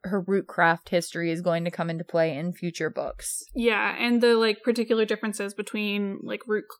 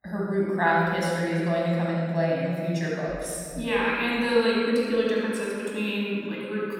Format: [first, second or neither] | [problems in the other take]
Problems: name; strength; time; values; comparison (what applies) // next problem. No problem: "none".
first | off-mic speech; far // room echo; strong; dies away in 2.5 s